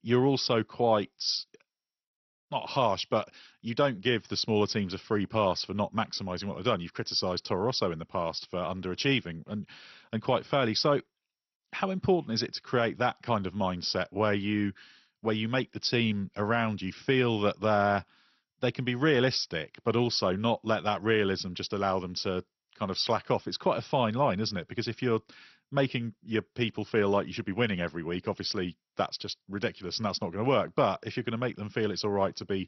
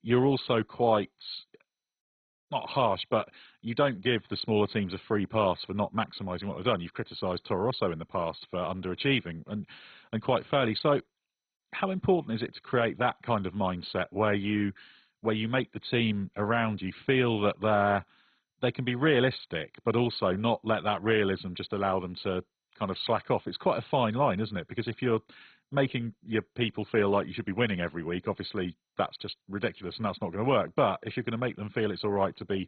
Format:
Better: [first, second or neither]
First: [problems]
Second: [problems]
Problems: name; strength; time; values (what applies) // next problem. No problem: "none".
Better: first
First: garbled, watery; slightly; nothing above 6 kHz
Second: garbled, watery; badly; nothing above 4 kHz